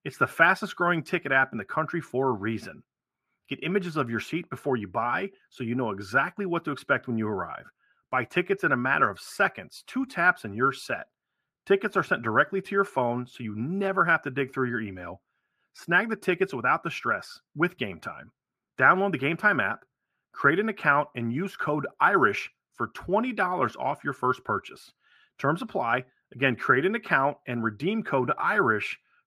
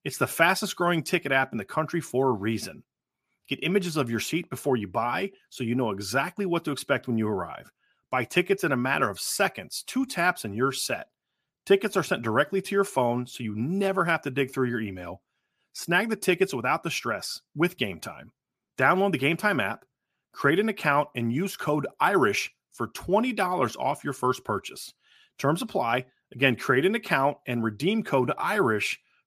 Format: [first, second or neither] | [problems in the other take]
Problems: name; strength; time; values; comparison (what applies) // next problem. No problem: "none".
second | muffled; slightly; fading above 4 kHz